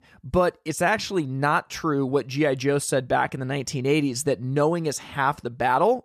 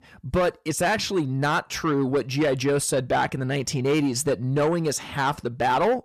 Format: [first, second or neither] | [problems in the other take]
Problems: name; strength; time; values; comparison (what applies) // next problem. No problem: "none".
first | distortion; slight; 10 dB below the speech